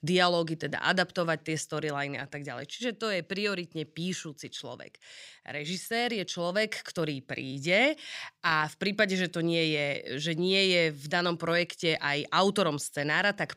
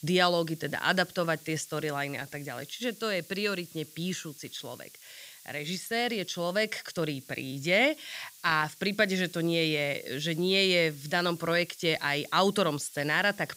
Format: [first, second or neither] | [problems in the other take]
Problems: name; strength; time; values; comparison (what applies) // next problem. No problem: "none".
first | hiss; faint; throughout; 20 dB below the speech